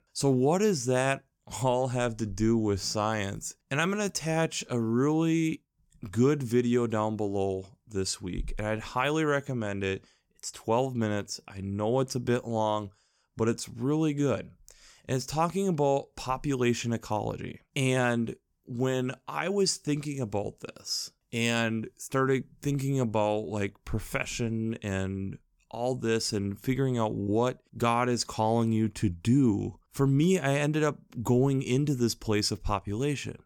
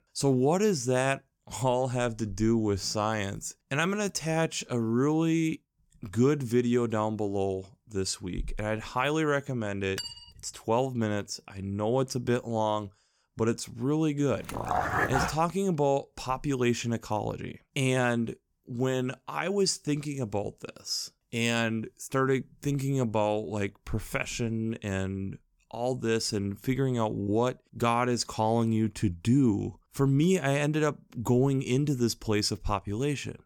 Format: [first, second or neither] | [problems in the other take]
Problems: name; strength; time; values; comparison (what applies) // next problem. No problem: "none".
first | clattering dishes; noticeable; at 10 s; peak 8 dB below the speech // dog barking; loud; at 14 s; peak 2 dB above the speech